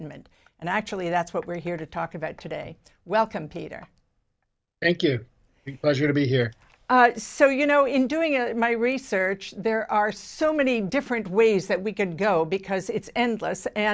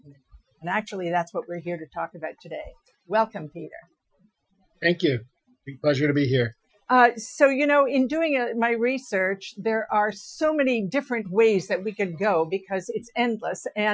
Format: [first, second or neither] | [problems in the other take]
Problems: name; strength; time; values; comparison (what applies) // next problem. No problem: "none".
first | noise reduction (classical method Wiener filter)